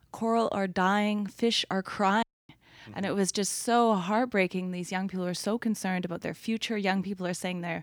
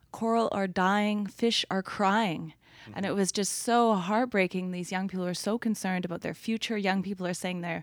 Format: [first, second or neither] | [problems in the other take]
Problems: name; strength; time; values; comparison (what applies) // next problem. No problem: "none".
second | audio cutting out; at 2 s